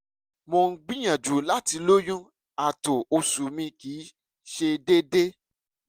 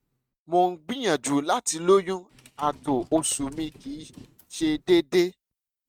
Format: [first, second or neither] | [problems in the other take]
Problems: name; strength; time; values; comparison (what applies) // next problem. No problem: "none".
first | noise reduction (neural mask model RNNoise)